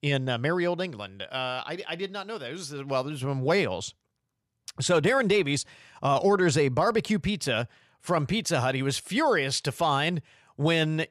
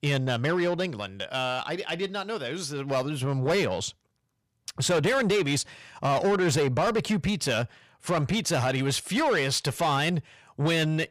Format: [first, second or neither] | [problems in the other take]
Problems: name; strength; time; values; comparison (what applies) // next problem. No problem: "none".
first | distortion; slight; 10 dB below the speech